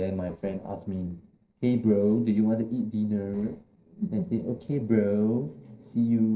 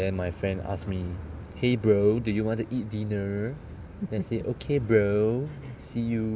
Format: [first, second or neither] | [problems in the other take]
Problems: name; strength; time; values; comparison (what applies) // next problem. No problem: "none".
second | noise reduction (neural separator model SepFormer DNS4)